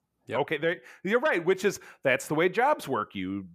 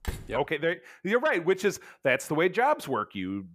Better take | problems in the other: first | door banging; faint; at the start; peak 10 dB below the speech

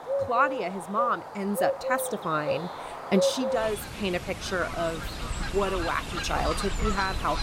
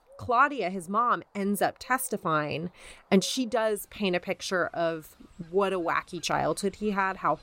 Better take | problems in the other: second | animal sounds; loud; throughout; 3 dB below the speech; faint in the second

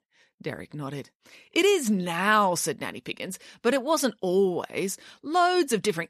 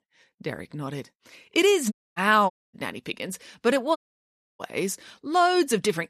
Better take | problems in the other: first | audio cutting out; at 2 s, at 2.5 s and at 4 s for 0.5 s

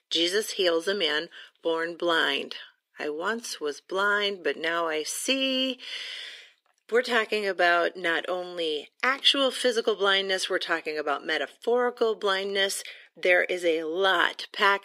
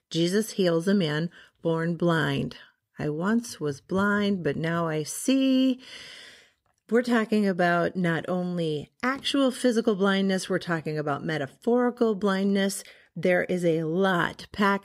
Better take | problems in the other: second | thin; very; fading below 350 Hz

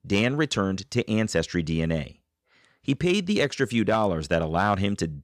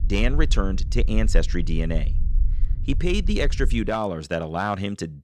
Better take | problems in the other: first | low rumble; noticeable; until 4 s; 20 dB below the speech

